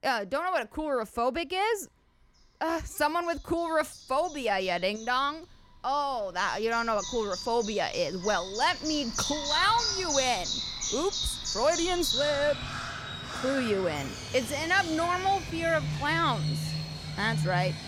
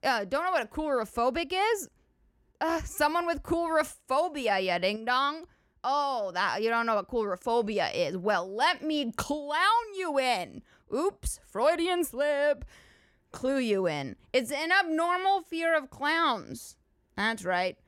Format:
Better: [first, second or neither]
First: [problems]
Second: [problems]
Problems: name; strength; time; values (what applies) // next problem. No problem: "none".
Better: second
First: animal sounds; loud; throughout; 3 dB below the speech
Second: none